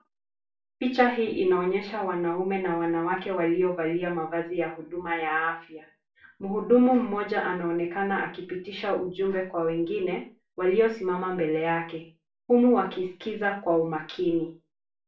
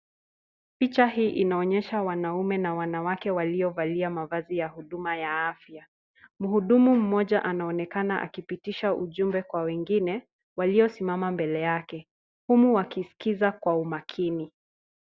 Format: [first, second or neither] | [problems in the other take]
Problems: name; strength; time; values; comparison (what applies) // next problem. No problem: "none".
second | room echo; dies away in 0.3 s